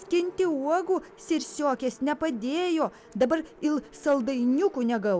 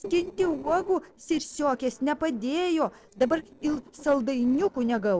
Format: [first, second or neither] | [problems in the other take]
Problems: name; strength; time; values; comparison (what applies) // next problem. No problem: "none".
first | noise reduction (neural separator model SepFormer DNS4)